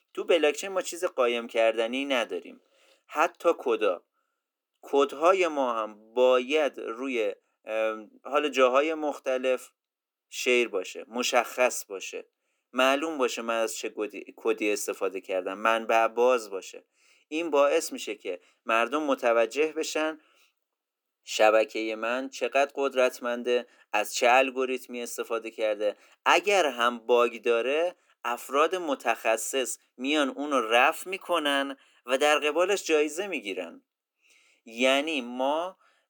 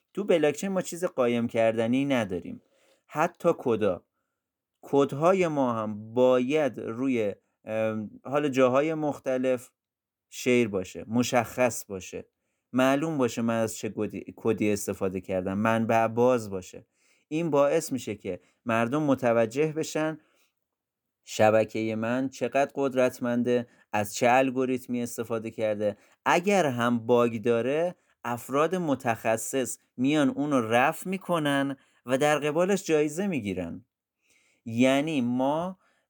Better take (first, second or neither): second